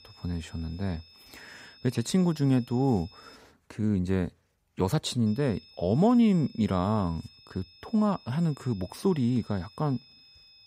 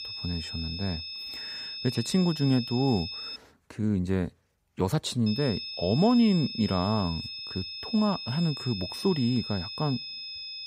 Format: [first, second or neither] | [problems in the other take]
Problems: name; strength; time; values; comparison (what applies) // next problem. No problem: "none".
first | high-pitched whine; loud; until 3.5 s and from 5.5 s on; 5 kHz, 7 dB below the speech; faint in the first